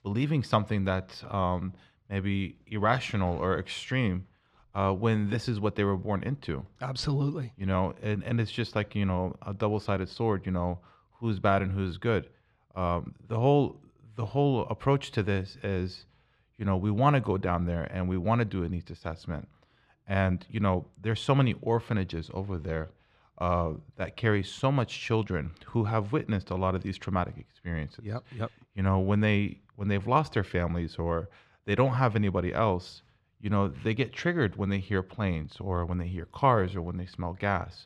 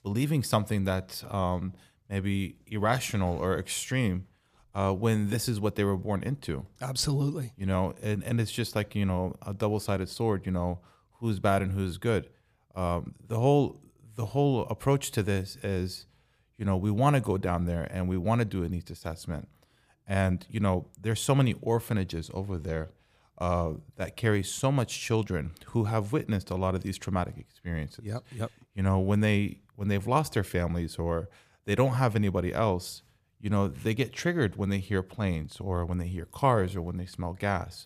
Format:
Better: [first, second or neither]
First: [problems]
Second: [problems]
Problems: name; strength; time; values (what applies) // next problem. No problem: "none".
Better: second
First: muffled; very slightly; fading above 3.5 kHz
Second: none